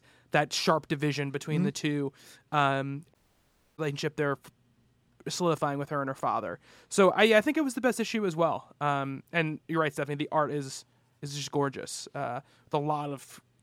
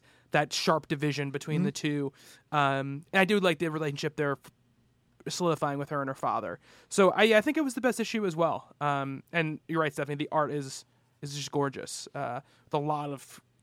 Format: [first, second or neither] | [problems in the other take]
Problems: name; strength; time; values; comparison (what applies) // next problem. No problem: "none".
second | audio cutting out; at 3 s for 0.5 s